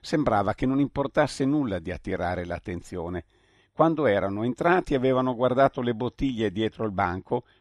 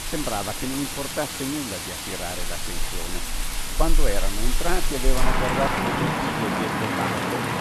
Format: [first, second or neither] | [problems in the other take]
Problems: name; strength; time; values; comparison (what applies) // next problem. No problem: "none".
first | rain or running water; very loud; throughout; 4 dB above the speech